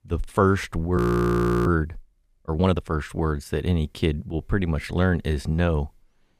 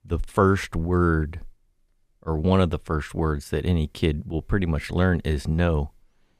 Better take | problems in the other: second | audio freezing; at 1 s for 0.5 s

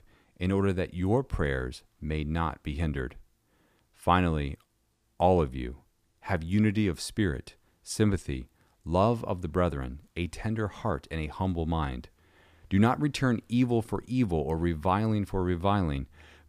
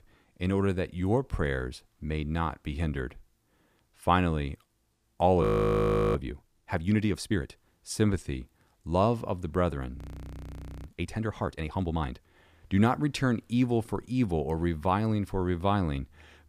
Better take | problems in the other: first | audio freezing; at 5.5 s for 0.5 s and at 10 s for 1 s

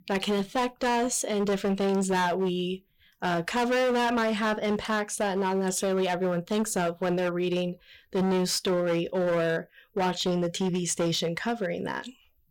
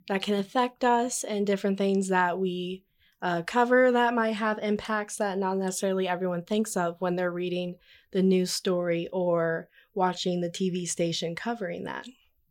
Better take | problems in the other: second | distortion; heavy; 18% of the sound clipped

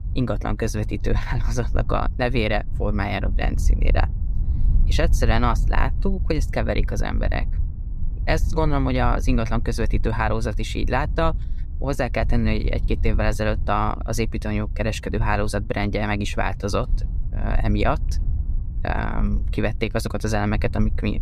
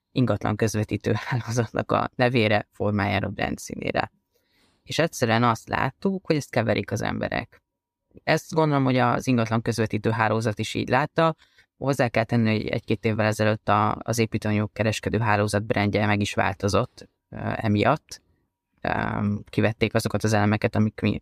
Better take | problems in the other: second | low rumble; noticeable; throughout; 20 dB below the speech

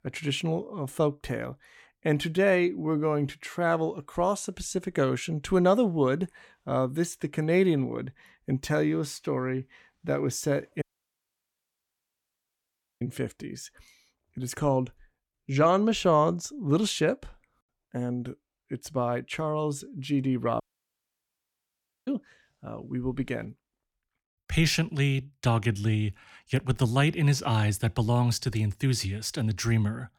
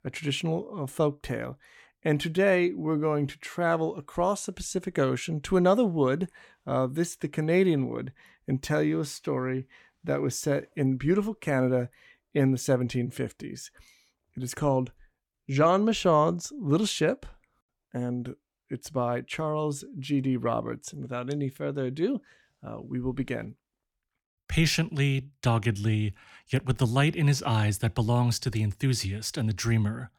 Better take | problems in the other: second | audio cutting out; at 11 s for 2 s and at 21 s for 1.5 s

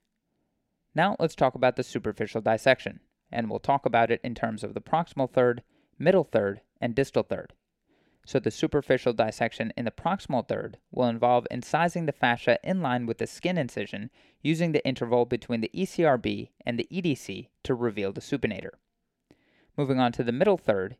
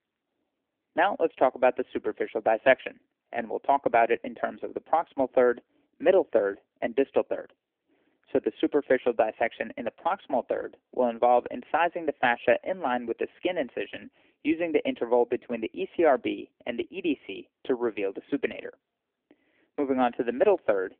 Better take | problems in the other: first | phone-call audio

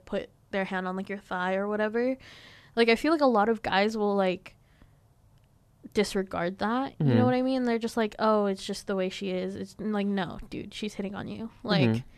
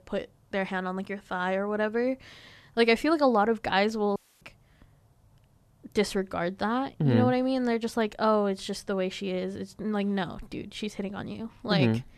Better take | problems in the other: first | audio cutting out; at 4 s

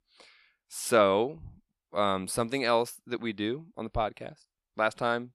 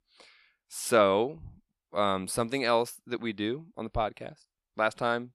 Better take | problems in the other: neither | none

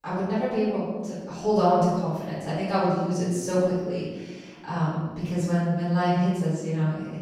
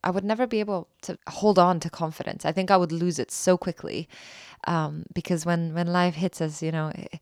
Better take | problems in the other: second | room echo; strong; dies away in 1.4 s // off-mic speech; far

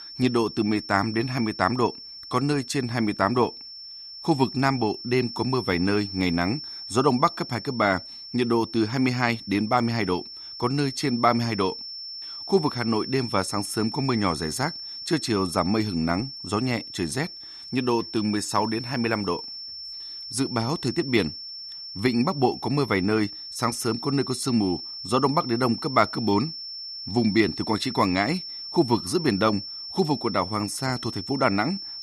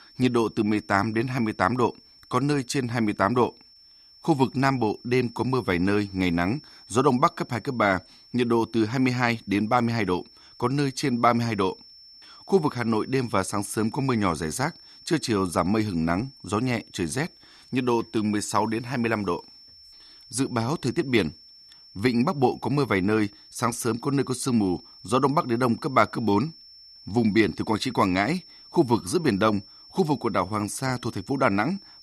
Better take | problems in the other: second | high-pitched whine; loud; throughout; 5.5 kHz, 9 dB below the speech; faint in the second

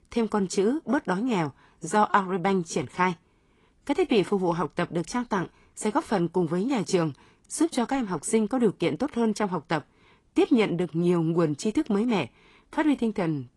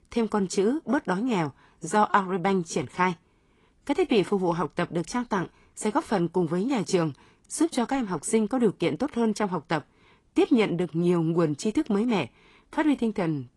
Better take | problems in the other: neither | garbled, watery; slightly; the same in both

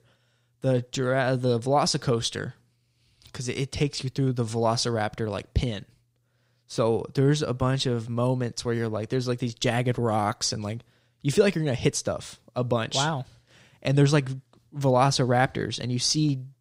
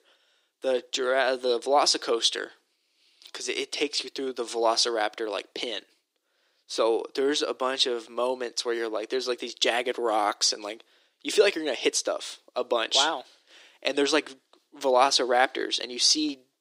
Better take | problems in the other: first | thin; very; fading below 300 Hz

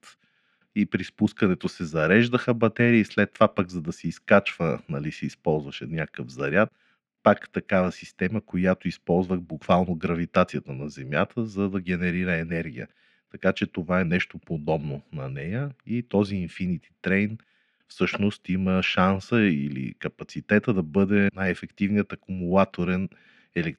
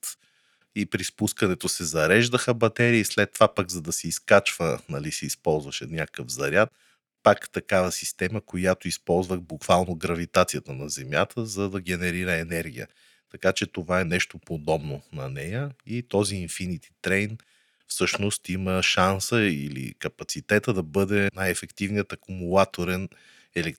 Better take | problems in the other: second | muffled; slightly; fading above 2.5 kHz

